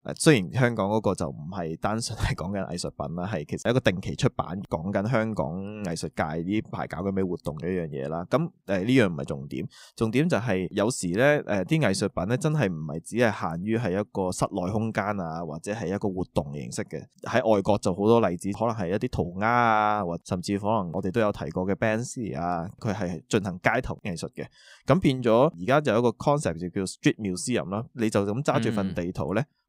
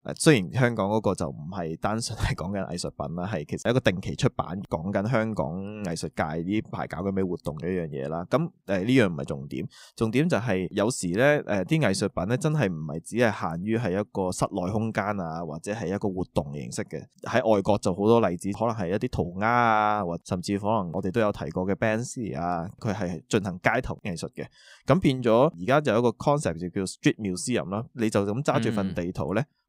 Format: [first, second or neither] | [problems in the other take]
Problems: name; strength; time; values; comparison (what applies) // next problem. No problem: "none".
neither | none